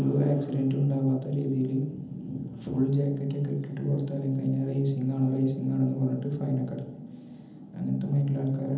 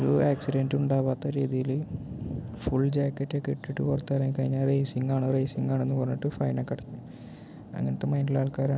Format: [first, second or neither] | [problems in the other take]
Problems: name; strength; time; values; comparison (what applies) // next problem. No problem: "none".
second | room echo; dies away in 0.9 s